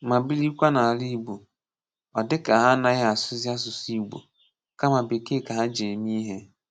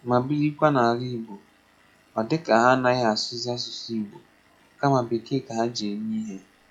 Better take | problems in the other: first | noise reduction (classical method log-MMSE)

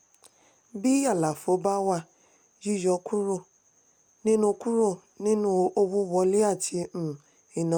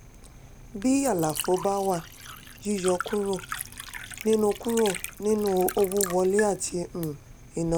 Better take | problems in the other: first | background sound (Liquid); 11 dB below the speech

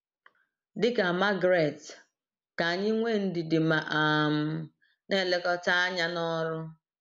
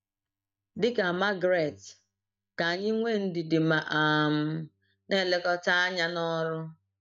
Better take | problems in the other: first | noise reduction (neural mask model DeepFilterNet 3)

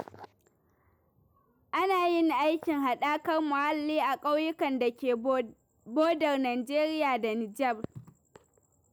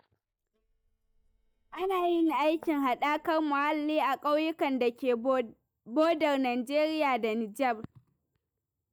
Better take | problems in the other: first | noise reduction (neural mask model DeepFilterNet 3)

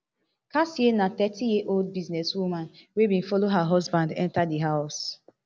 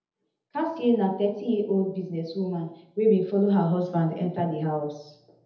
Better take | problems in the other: first | room echo; dies away in 0.7 s

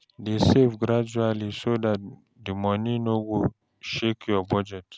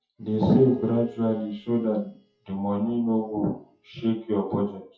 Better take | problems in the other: first | noise reduction (classical method WPE with log-MMSE)

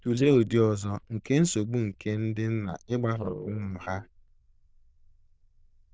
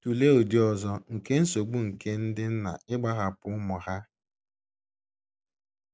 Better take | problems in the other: second | noise reduction (neural diffusion model UNIVERSE++)

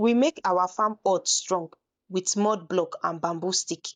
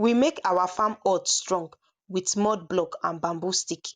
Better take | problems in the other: second | noise reduction (neural mask model DeepFilterNet 3)

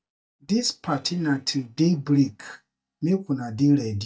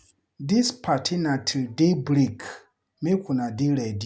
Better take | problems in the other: second | noise reduction (neural mask model DeepFilterNet 3)

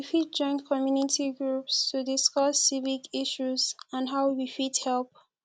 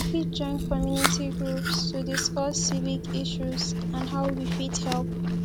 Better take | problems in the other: first | background sound (Wind + Chewing, mastication); 3 dB above the speech

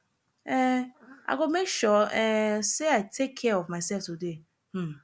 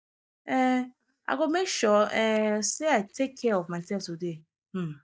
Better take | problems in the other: first | noise reduction (neural mask model DeepFilterNet 3)

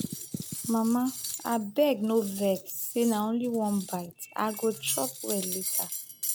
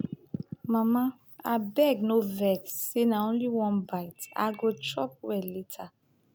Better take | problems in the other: second | background sound (Cutlery, silverware); 8 dB below the speech

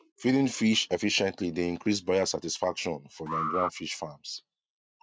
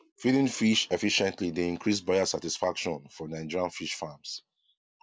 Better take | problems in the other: second | noise reduction (neural mask model RNNoise)

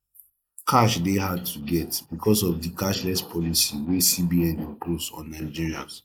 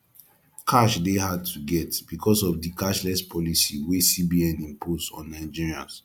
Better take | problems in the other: second | noise reduction (neural mask model Resemble Enhance denoiser)

